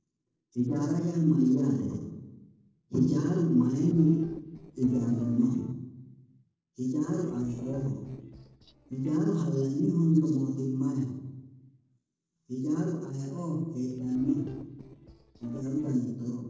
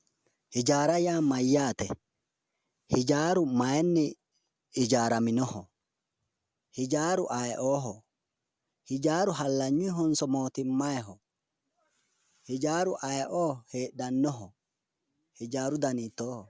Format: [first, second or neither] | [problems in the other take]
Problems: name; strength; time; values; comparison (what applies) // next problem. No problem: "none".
second | noise reduction (neural separator model SepFormer DNS4)